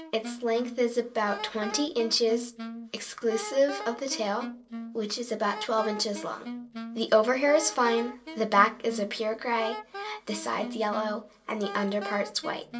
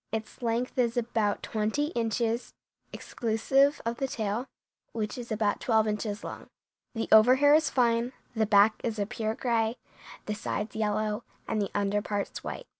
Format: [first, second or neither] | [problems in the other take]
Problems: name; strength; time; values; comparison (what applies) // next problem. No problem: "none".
second | background sound (Wind instrument, woodwind instrument); 11 dB below the speech // room echo; dies away in 0.2 s